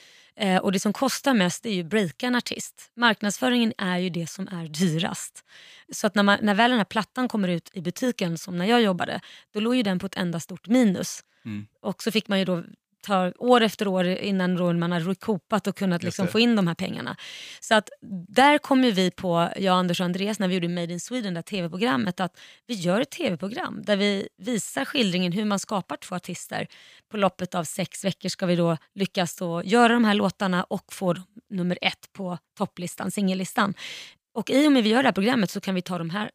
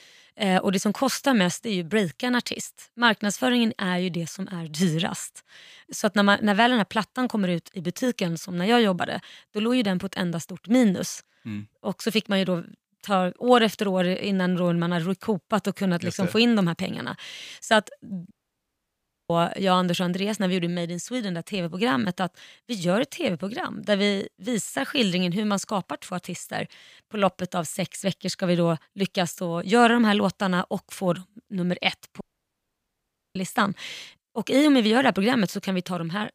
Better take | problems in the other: first | audio cutting out; at 18 s for 1 s and at 32 s for 1 s

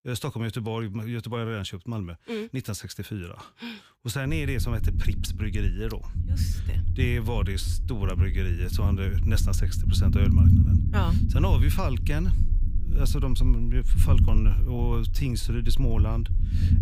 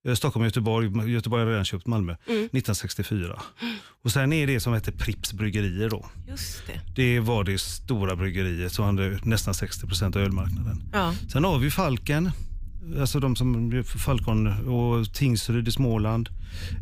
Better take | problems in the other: second | low rumble; loud; from 4.5 s on; 6 dB below the speech; faint in the second

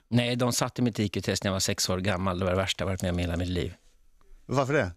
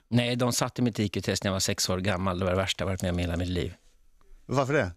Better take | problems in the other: neither | none

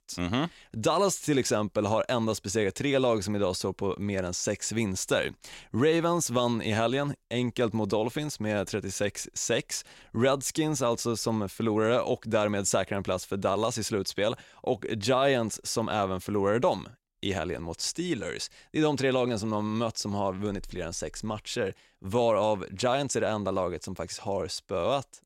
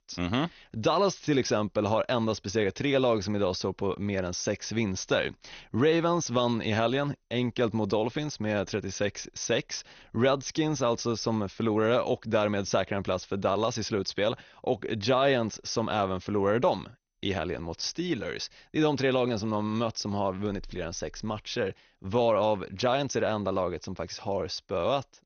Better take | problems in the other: first | garbled, watery; slightly; nothing above 6.5 kHz

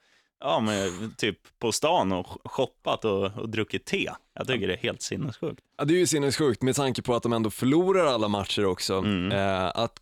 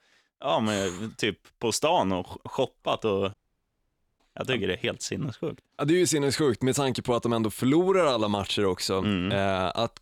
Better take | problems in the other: first | audio cutting out; at 3.5 s for 1 s

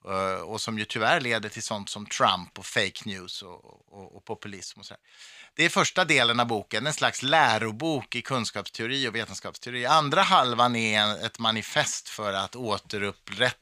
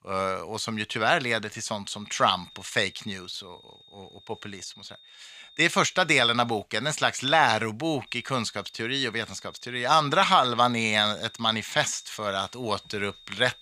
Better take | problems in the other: first | high-pitched whine; faint; from 2 to 6.5 s and from 8 s on; 3.5 kHz, 25 dB below the speech

